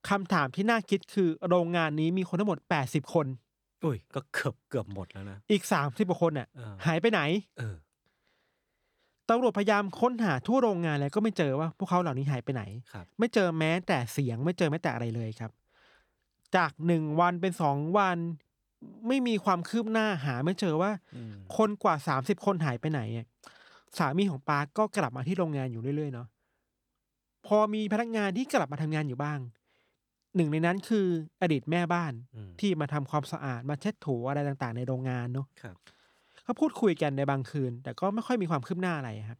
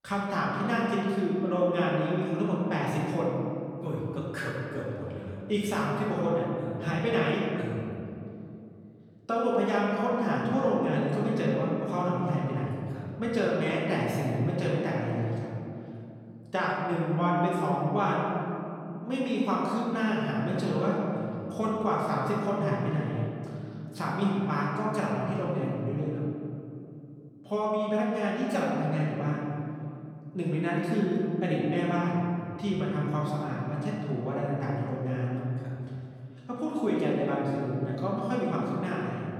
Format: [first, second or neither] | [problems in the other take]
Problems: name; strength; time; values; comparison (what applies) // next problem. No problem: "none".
first | off-mic speech; far // room echo; strong; dies away in 2.8 s